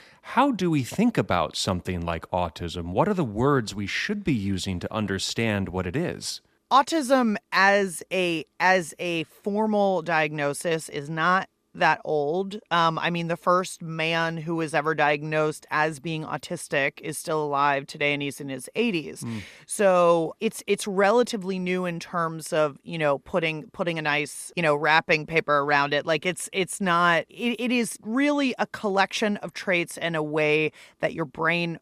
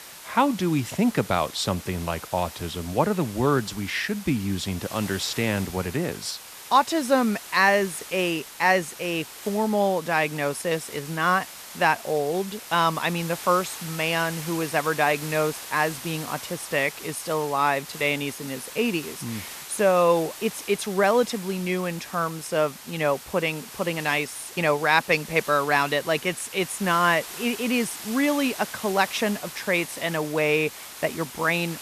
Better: first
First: none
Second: hiss; noticeable; throughout; 15 dB below the speech

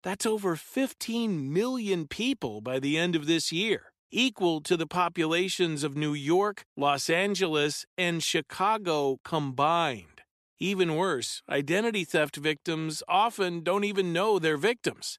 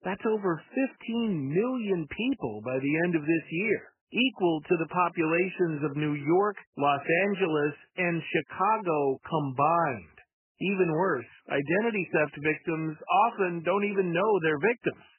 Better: first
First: none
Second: garbled, watery; badly; nothing above 3 kHz

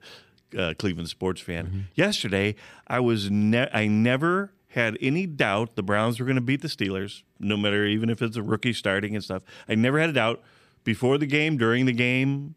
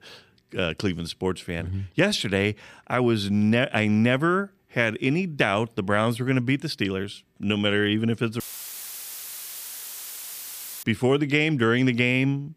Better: first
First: none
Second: audio cutting out; filled with static; at 8.5 s for 2.5 s

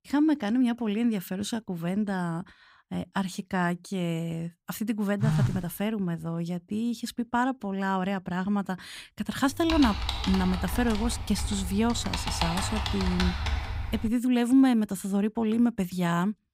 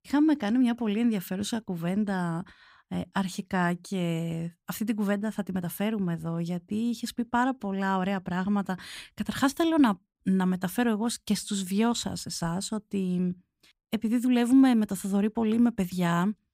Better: second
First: phone ringing; loud; at 5 s; peak 2 dB above the speech // keyboard typing; noticeable; from 9.5 to 14 s; peak 1 dB below the speech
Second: none

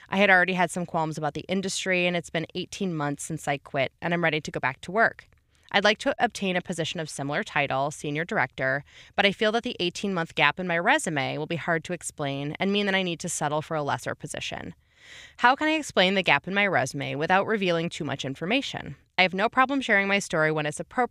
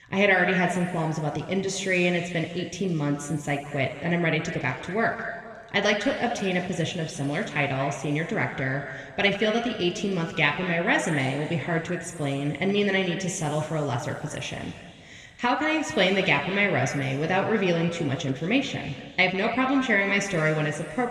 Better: first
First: none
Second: room echo; noticeable; dies away in 2 s // off-mic speech; somewhat distant

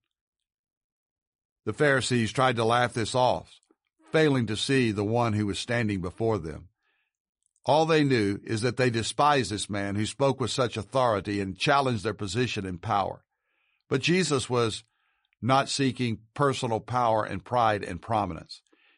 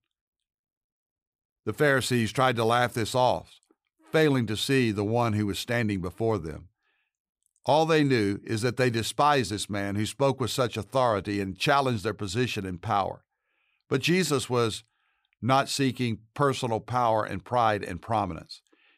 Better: second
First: garbled, watery; slightly; nothing above 10.5 kHz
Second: none

